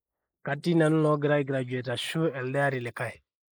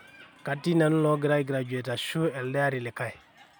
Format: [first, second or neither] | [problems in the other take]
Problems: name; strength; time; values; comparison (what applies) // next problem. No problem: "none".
second | noise reduction (neural mask model Resemble Enhance denoiser)